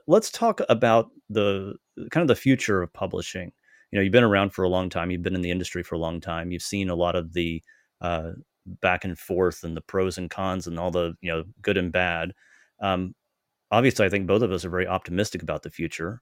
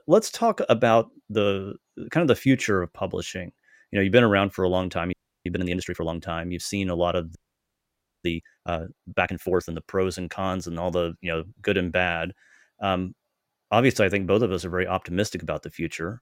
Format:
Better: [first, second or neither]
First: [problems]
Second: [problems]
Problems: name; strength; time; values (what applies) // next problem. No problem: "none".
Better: first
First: none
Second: audio freezing; at 5 s and at 7.5 s for 1 s